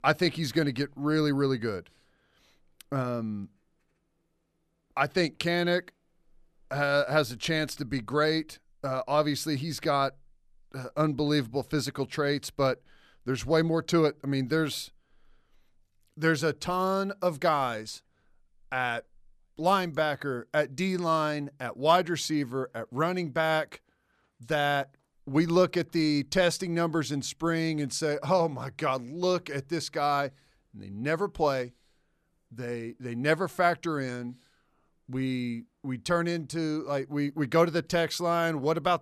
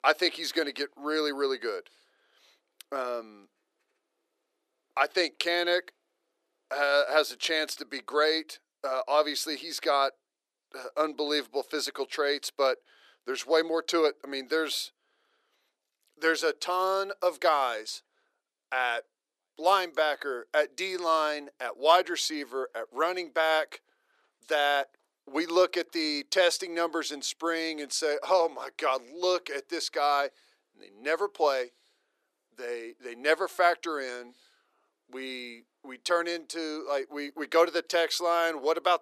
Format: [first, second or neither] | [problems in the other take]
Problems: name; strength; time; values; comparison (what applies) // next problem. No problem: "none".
first | thin; very; fading below 350 Hz